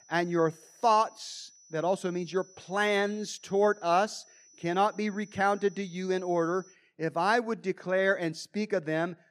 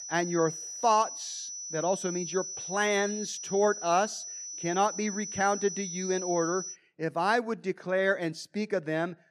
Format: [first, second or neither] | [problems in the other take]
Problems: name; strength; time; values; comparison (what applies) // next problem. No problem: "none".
first | high-pitched whine; loud; until 6.5 s; 6 kHz, 7 dB below the speech; faint in the first